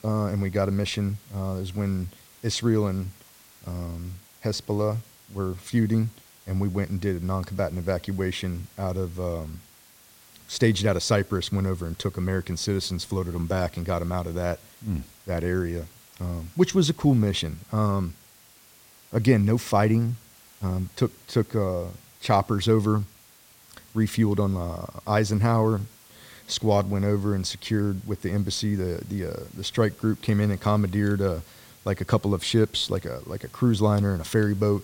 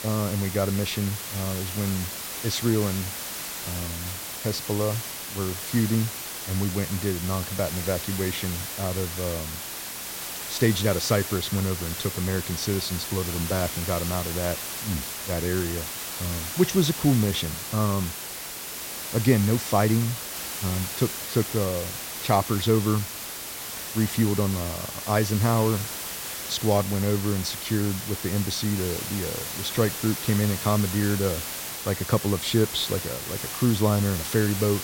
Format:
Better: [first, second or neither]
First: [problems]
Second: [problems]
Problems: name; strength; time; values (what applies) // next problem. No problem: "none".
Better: first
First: hiss; faint; throughout; 25 dB below the speech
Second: hiss; loud; throughout; 5 dB below the speech